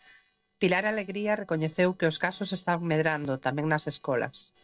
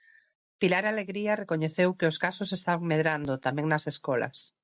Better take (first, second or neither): second